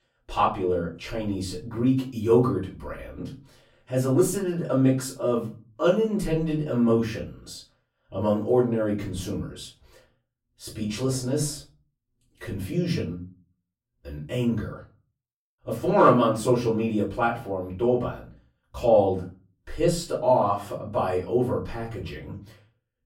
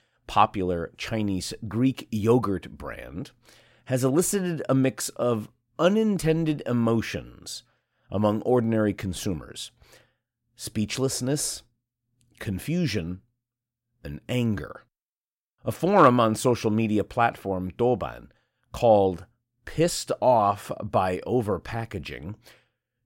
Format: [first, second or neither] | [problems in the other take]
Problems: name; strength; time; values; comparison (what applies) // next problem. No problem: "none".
second | room echo; slight; dies away in 0.3 s // off-mic speech; far